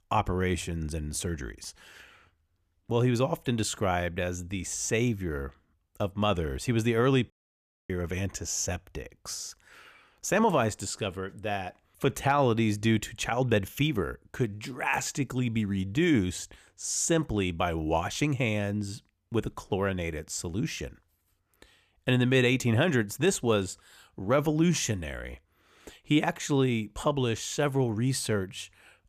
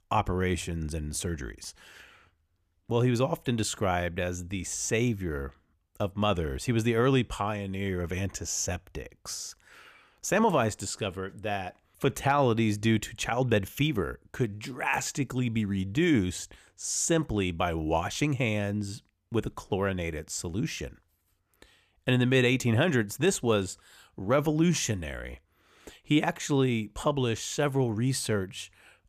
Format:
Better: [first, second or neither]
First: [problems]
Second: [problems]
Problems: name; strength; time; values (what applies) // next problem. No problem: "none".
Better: second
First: audio cutting out; at 7.5 s for 0.5 s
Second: none